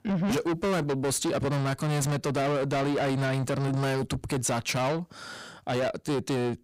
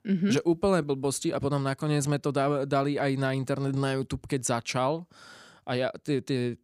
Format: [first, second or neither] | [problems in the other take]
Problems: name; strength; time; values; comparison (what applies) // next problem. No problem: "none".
second | distortion; heavy; 6 dB below the speech